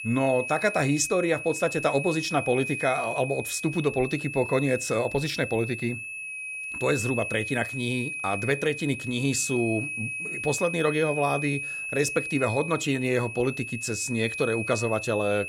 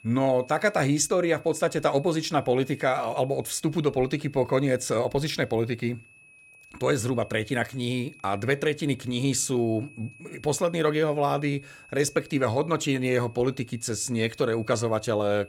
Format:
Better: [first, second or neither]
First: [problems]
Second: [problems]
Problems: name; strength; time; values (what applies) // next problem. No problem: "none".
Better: second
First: high-pitched whine; loud; throughout; 2.5 kHz, 5 dB below the speech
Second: high-pitched whine; faint; throughout; 2.5 kHz, 25 dB below the speech